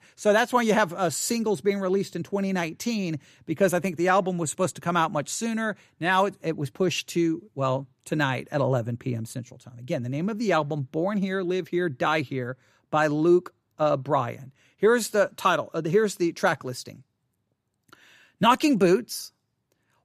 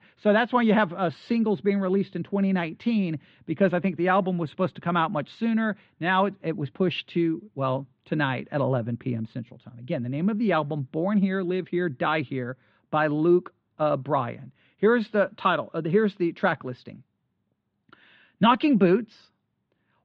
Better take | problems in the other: first | muffled; very; fading above 3.5 kHz

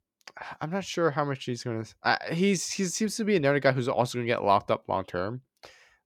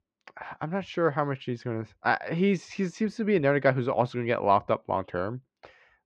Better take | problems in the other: first | muffled; slightly; fading above 2.5 kHz

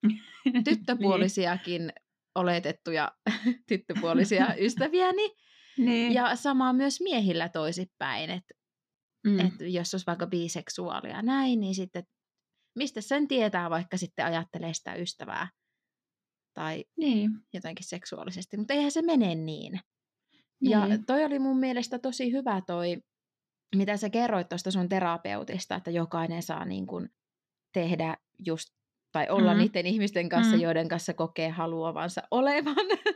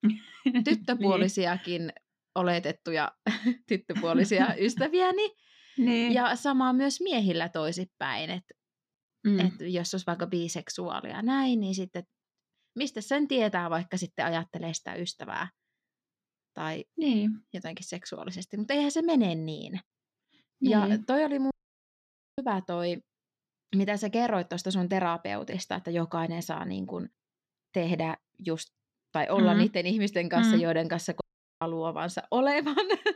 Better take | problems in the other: first | audio cutting out; at 22 s for 1 s and at 31 s

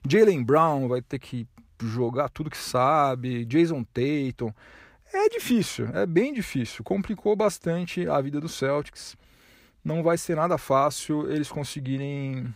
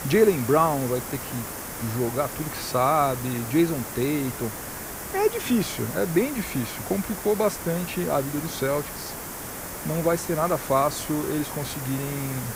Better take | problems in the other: first | hiss; loud; throughout; 7 dB below the speech

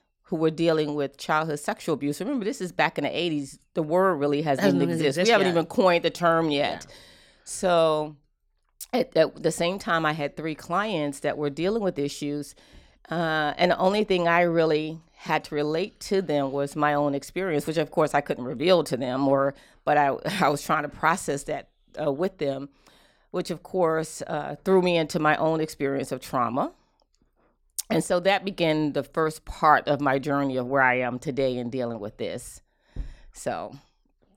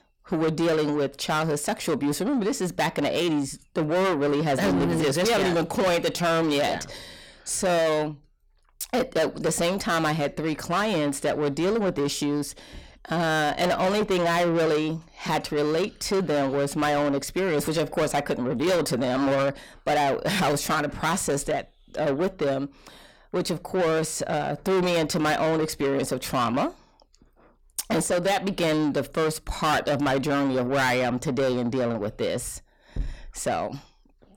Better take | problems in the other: first | distortion; heavy; 6 dB below the speech

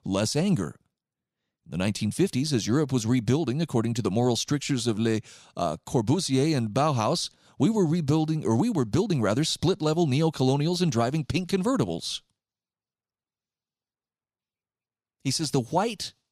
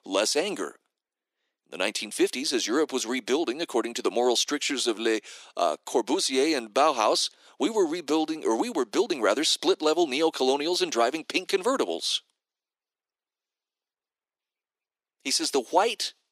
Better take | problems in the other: first | thin; somewhat; fading below 300 Hz

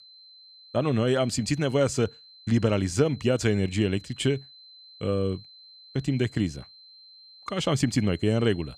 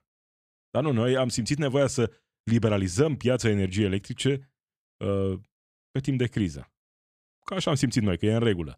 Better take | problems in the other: second | high-pitched whine; faint; throughout; 4 kHz, 20 dB below the speech

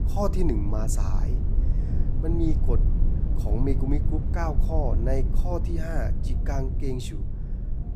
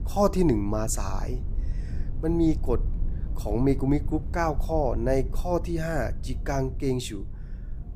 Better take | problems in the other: second | low rumble; loud; throughout; 8 dB below the speech; faint in the second

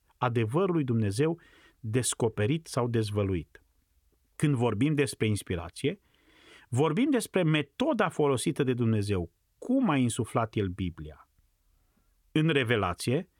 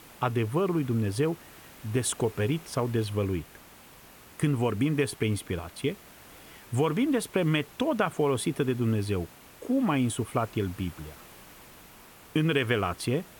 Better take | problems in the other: first | hiss; faint; throughout; 20 dB below the speech

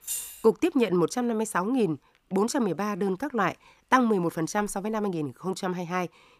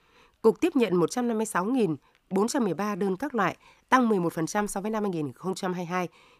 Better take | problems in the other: second | jangling keys; noticeable; at the start; peak 5 dB below the speech

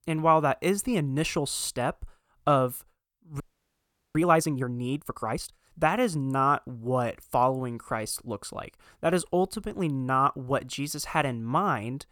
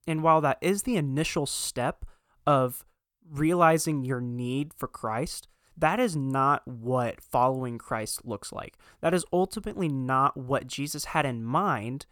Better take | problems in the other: second | audio freezing; at 3.5 s for 1 s

